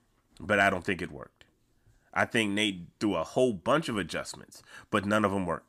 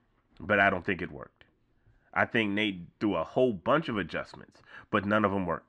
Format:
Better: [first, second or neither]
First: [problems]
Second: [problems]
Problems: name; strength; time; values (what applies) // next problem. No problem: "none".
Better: first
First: none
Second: muffled; slightly; fading above 2.5 kHz